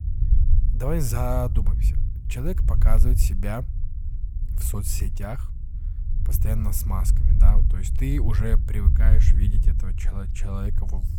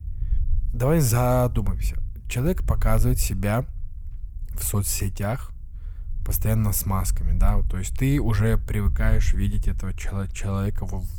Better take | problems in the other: second | low rumble; loud; throughout; 9 dB below the speech; faint in the second

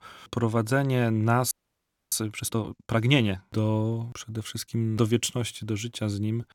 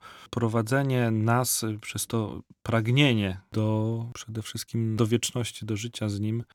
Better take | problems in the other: second | audio freezing; at 1.5 s for 0.5 s

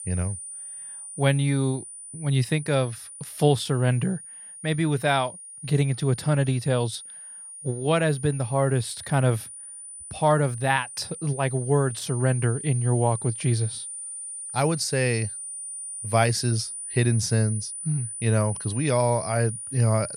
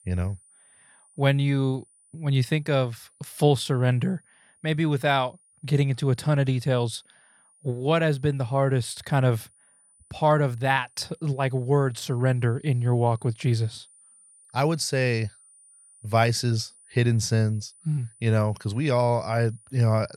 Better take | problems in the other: second | high-pitched whine; loud; throughout; 9.5 kHz, 10 dB below the speech; faint in the second

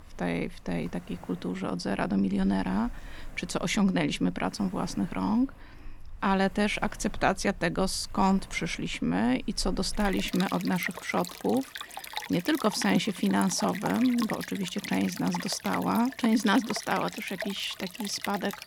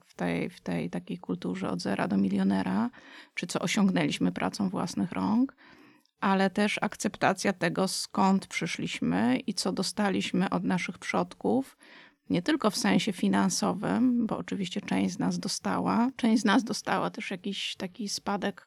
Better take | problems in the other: second | rain or running water; noticeable; throughout; 10 dB below the speech

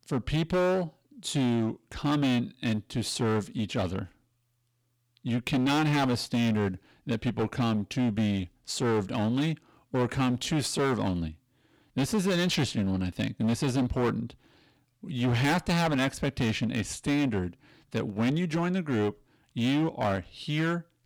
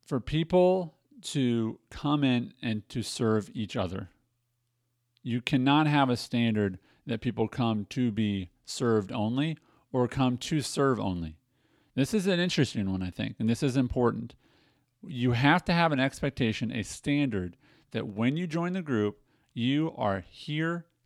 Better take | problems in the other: second | distortion; heavy; 14% of the sound clipped

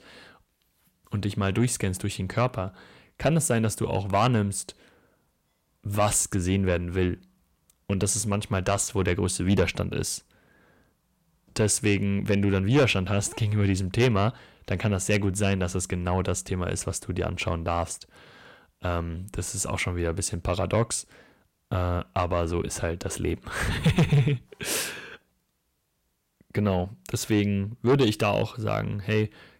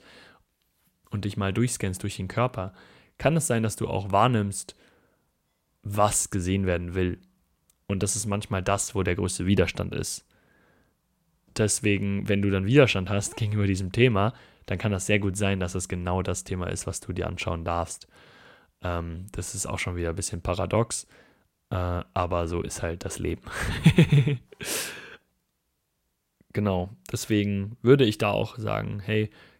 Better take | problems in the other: second | distortion; slight; 10 dB below the speech

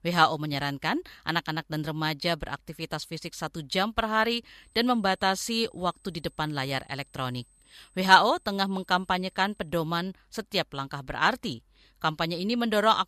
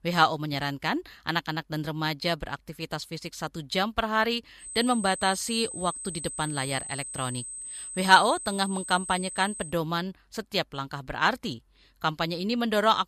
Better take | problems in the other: first | high-pitched whine; loud; from 4.5 to 9.5 s; 8 kHz, 8 dB below the speech; faint in the first

